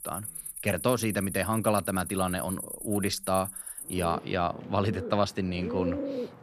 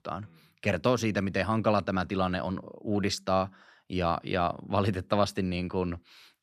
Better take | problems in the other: second | animal sounds; loud; throughout; 7 dB below the speech

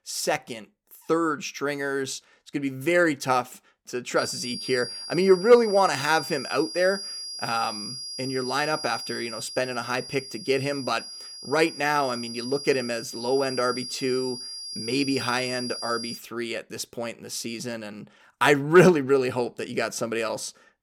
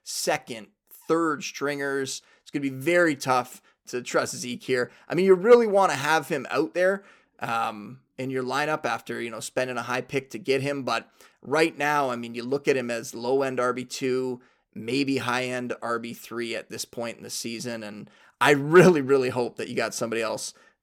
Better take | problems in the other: second | high-pitched whine; loud; from 4 to 16 s; 5 kHz, 9 dB below the speech

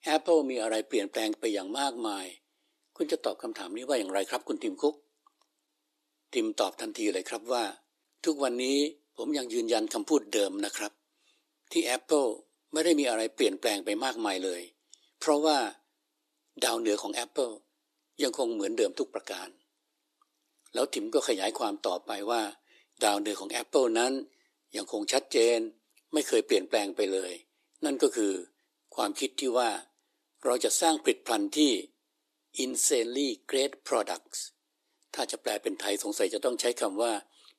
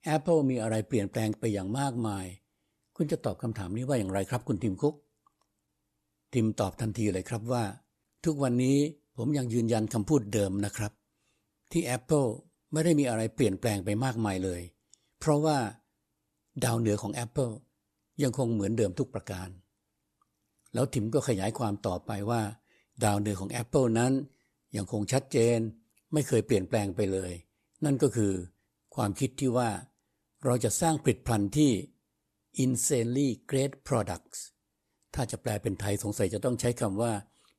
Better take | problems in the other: second | thin; somewhat; fading below 300 Hz

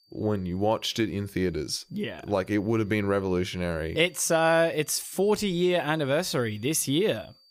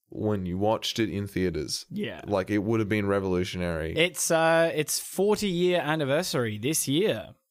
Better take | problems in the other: second | high-pitched whine; faint; throughout; 4.5 kHz, 30 dB below the speech

